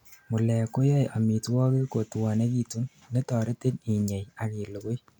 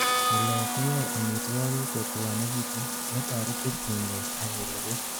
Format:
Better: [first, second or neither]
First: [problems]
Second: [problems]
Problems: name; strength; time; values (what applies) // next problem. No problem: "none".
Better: first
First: none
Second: background sound (Bathtub (filling or washing) + Harmonica); 2 dB above the speech